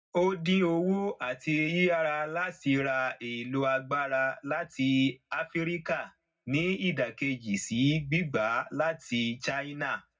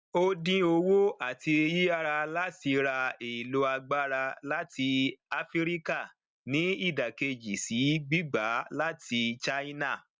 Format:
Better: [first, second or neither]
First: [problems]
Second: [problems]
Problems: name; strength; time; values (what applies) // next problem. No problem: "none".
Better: second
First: room echo; dies away in 0.4 s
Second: none